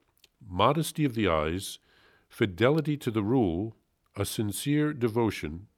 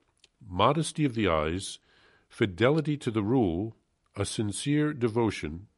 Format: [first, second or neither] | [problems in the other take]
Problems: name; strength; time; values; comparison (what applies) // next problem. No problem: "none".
first | garbled, watery; slightly; nothing above 11 kHz